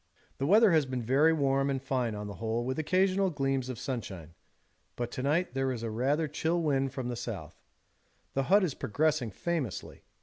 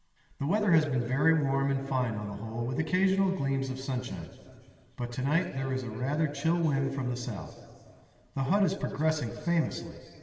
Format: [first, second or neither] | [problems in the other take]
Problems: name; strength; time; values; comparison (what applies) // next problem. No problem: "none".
first | room echo; dies away in 2.5 s